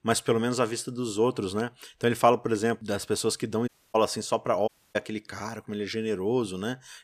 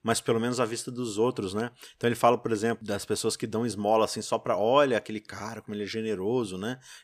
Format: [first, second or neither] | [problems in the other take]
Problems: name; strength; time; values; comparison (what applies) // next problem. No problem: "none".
second | audio cutting out; at 3.5 s and at 4.5 s